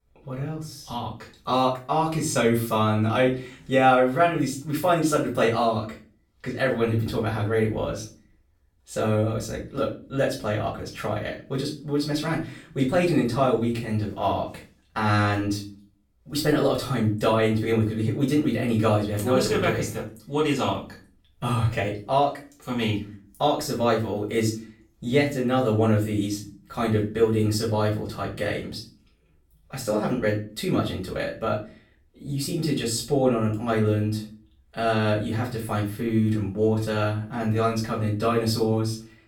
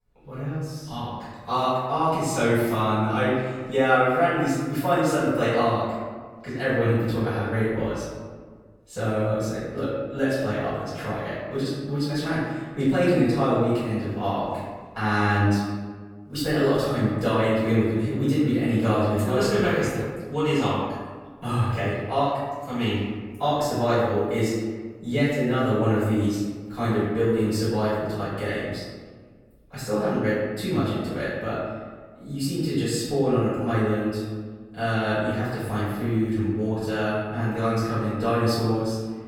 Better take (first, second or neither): first